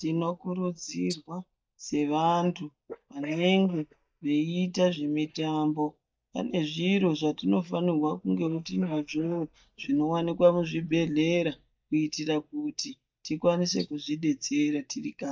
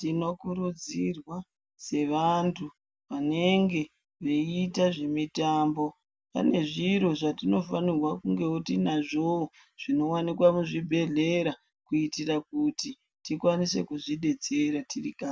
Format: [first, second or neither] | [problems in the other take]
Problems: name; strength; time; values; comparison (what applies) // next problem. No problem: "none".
second | noise reduction (neural mask model DeepFilterNet 3)